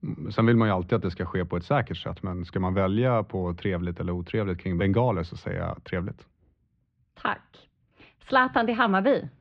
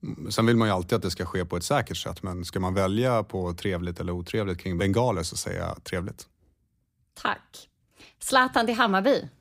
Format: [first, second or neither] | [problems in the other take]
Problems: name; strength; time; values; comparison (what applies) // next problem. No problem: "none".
second | muffled; very; fading above 3 kHz